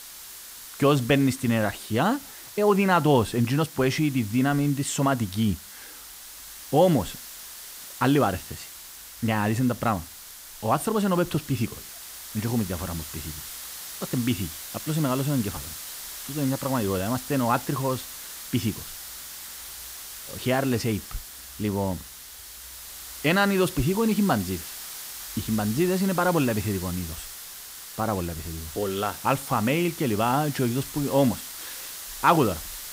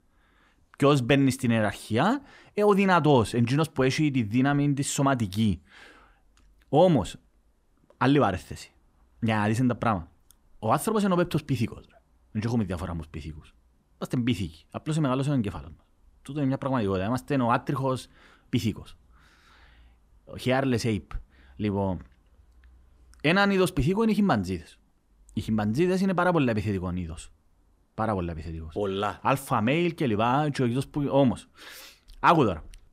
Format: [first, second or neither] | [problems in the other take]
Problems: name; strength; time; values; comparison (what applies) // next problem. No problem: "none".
second | hiss; noticeable; throughout; 10 dB below the speech